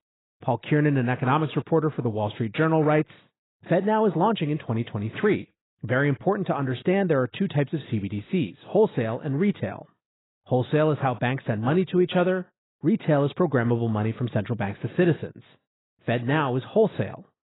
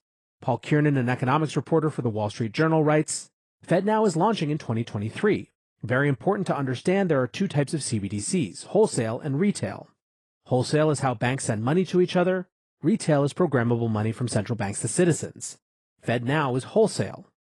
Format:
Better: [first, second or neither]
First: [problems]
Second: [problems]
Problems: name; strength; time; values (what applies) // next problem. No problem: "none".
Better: second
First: garbled, watery; badly; nothing above 4 kHz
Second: garbled, watery; slightly